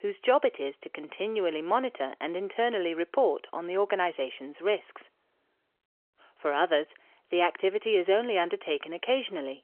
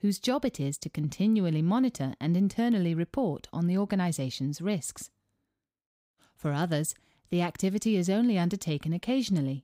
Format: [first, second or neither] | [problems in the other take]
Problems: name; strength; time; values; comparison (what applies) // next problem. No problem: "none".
second | phone-call audio; nothing above 3 kHz